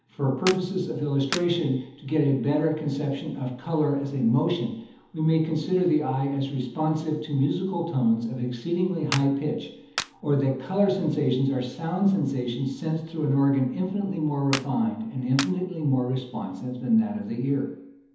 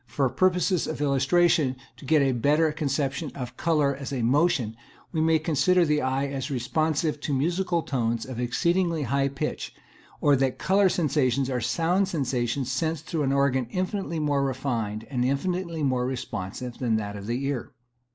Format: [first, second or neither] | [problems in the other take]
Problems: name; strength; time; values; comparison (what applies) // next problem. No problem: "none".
second | background sound (Clapping); 11 dB below the speech // room echo; dies away in 1.3 s